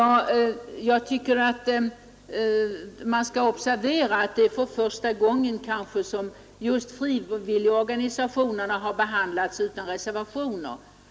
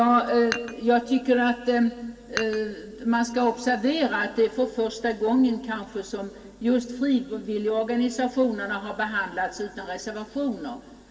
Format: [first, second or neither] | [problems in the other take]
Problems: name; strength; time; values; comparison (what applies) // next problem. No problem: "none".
first | background sound (Dishes, pots, and pans); 13 dB below the speech // room echo; dies away in 2.7 s